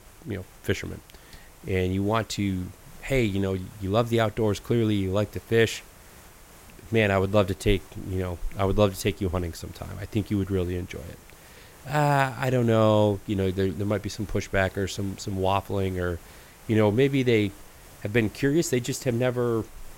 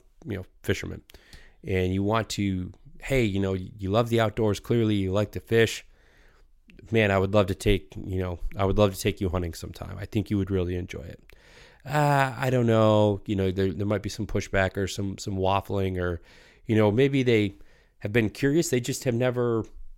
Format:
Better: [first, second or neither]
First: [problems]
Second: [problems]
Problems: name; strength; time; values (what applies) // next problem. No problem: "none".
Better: second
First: hiss; faint; throughout; 25 dB below the speech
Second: none